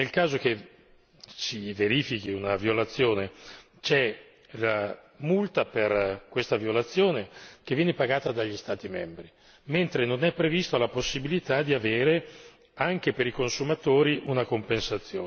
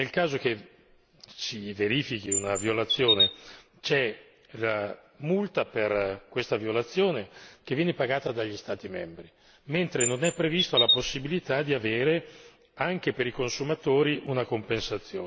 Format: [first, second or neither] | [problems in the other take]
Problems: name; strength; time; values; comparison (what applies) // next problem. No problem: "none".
first | background sound (Chirp, tweet); 1 dB above the speech